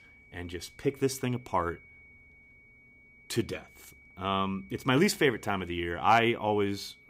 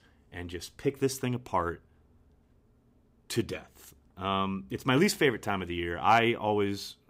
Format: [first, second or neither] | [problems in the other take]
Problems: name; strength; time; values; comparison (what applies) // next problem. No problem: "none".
second | high-pitched whine; faint; throughout; 2 kHz, 25 dB below the speech